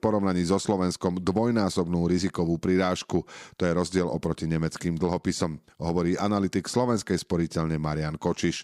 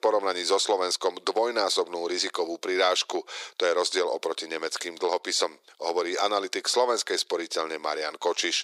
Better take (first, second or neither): first